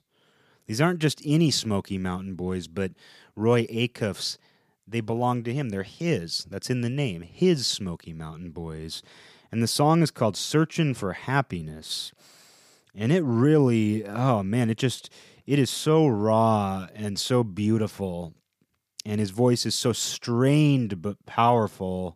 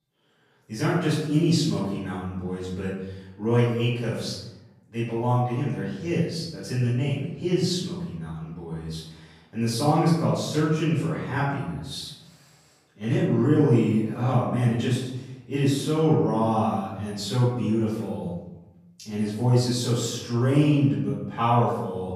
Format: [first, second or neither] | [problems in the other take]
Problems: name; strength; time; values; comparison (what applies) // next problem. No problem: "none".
first | off-mic speech; far // room echo; noticeable; dies away in 0.9 s